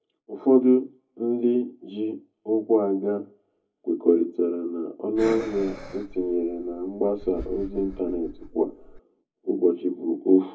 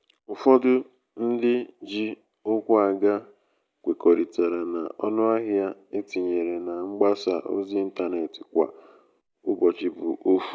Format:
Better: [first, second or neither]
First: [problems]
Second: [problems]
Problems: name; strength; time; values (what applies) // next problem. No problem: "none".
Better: second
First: background sound (Breathing); 14 dB below the speech // room echo; dies away in 0.3 s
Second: none